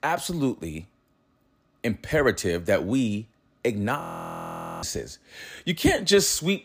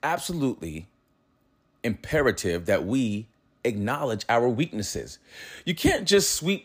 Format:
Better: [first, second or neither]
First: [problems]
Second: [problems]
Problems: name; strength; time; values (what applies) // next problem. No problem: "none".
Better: second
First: audio freezing; at 4 s for 1 s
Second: none